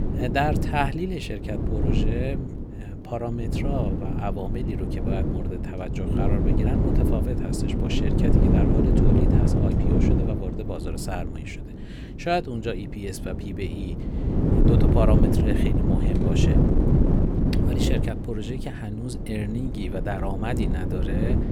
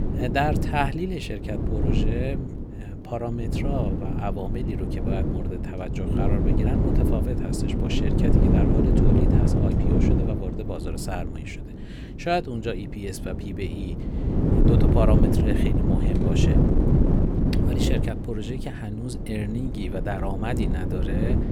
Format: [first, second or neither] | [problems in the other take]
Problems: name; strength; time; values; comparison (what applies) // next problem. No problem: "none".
neither | wind noise on the microphone; heavy; 1 dB above the speech; the same in both